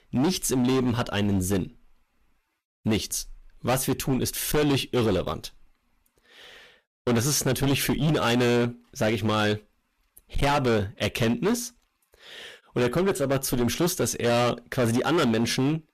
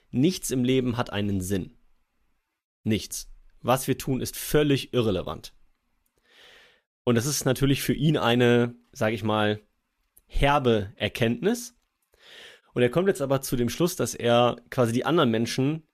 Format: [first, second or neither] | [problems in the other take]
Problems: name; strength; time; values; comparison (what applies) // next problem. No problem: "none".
second | distortion; heavy; 15% of the sound clipped